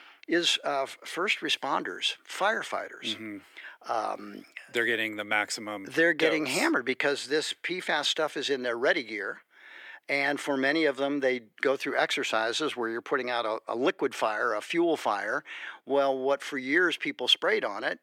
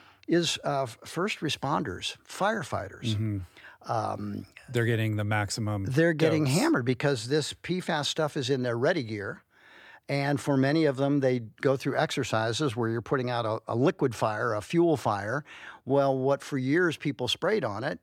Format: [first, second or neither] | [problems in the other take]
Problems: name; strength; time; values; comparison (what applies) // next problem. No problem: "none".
second | thin; somewhat; fading below 300 Hz